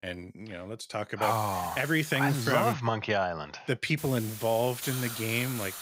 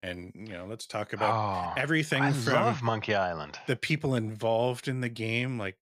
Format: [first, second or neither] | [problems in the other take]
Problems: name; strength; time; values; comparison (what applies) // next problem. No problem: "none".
second | hiss; noticeable; from 1 to 2.5 s and from 4 s on; 10 dB below the speech